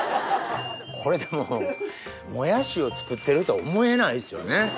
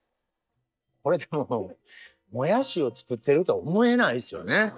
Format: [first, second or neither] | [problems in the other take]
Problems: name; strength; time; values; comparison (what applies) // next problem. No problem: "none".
first | noise reduction (neural mask model DeepFilterNet 3)